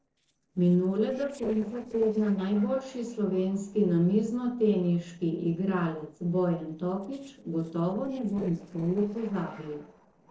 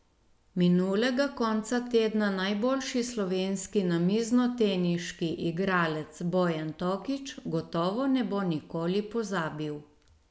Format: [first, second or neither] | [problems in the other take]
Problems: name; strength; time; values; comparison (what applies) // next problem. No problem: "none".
second | noise reduction (neural separator model SepFormer DNS4)